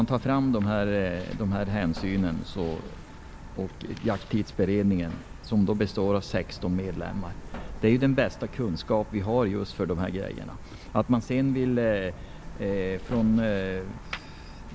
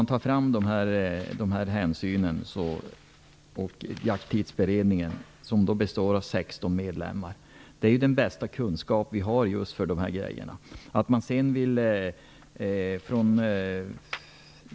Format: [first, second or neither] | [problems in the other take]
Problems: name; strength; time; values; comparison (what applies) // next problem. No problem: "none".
second | background sound (Truck); 13 dB below the speech